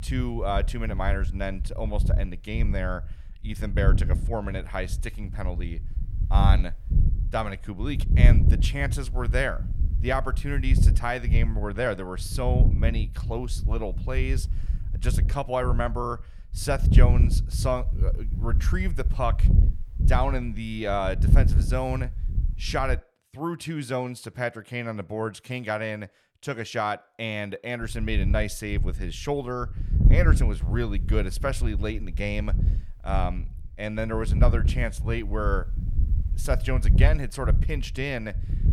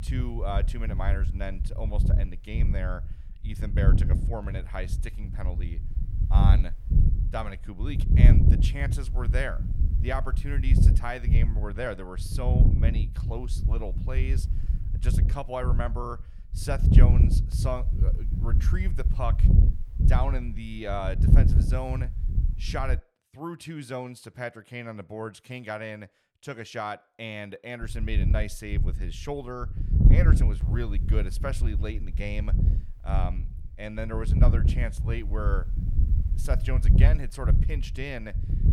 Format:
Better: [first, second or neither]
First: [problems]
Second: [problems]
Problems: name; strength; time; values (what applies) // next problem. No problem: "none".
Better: first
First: wind noise on the microphone; occasional gusts; until 23 s and from 28 s on; 10 dB below the speech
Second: wind noise on the microphone; heavy; until 23 s and from 28 s on; 5 dB below the speech